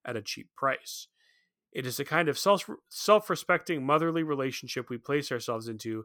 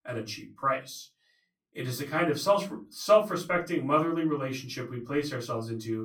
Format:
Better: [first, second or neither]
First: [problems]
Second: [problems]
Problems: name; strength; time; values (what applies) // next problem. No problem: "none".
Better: first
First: none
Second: off-mic speech; far // room echo; very slight; dies away in 0.3 s